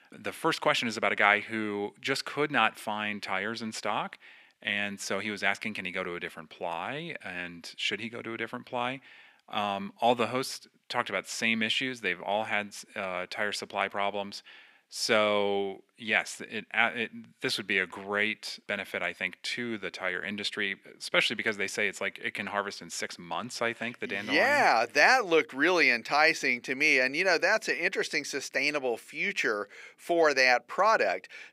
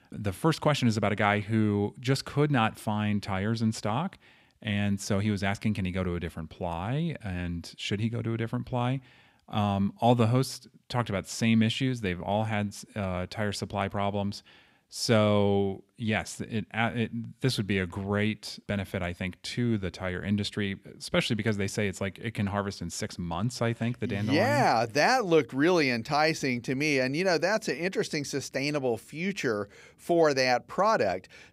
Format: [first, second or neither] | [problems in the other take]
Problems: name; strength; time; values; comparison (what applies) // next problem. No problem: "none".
second | thin; somewhat; fading below 350 Hz